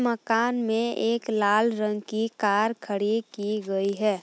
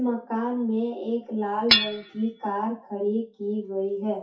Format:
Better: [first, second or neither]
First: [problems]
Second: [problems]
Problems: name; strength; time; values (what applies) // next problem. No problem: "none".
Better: first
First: none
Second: noise reduction (classical method WPE with log-MMSE)